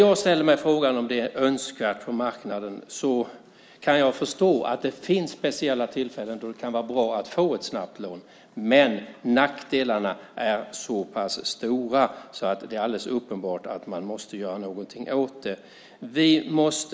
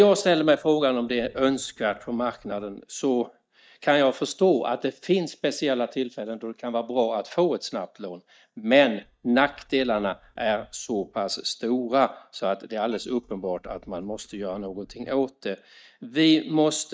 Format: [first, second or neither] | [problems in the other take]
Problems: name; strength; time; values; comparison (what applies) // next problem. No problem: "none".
first | noise reduction (neural mask model DeepFilterNet 3)